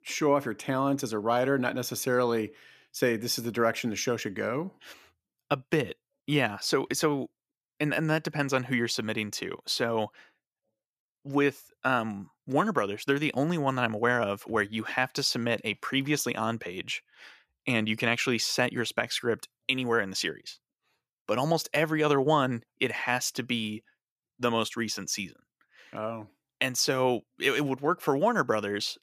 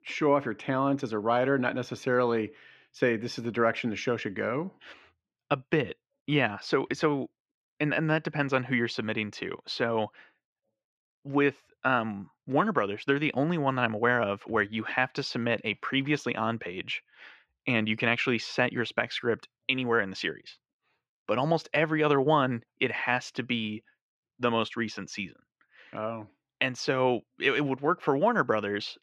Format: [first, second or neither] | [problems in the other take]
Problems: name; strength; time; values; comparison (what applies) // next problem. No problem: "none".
first | muffled; slightly; fading above 3 kHz